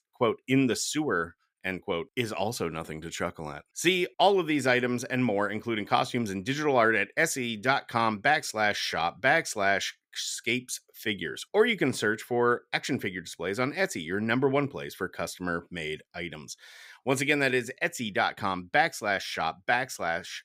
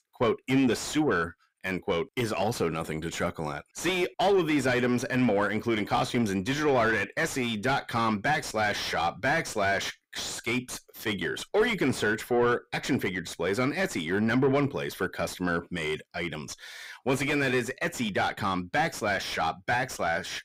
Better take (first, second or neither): first